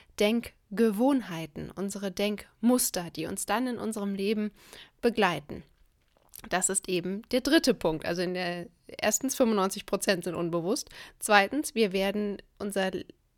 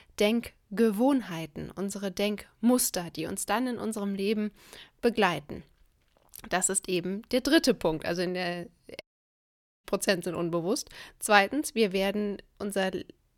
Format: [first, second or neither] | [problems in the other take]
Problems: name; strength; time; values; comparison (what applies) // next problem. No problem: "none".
first | audio cutting out; at 9 s for 1 s